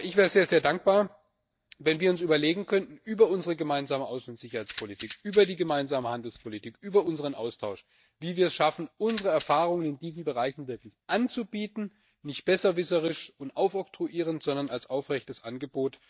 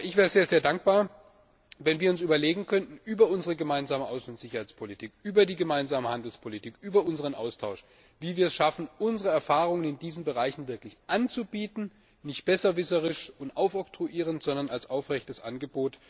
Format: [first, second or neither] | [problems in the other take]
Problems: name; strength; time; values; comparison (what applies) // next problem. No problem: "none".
second | noise reduction (neural mask model DeepFilterNet 3)